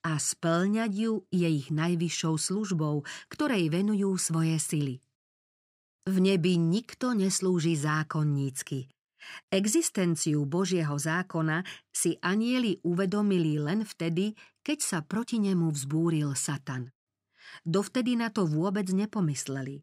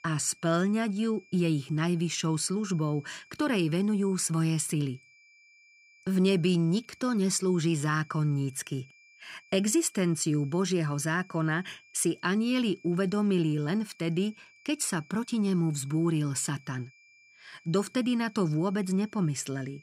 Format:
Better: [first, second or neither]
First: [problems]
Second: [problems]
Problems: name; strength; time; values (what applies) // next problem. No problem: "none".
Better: first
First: none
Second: high-pitched whine; faint; throughout; 2.5 kHz, 30 dB below the speech